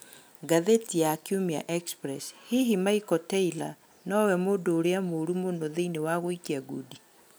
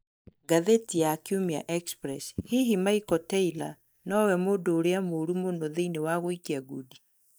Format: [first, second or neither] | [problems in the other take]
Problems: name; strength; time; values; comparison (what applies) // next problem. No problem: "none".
first | noise reduction (neural mask model DeepFilterNet 3)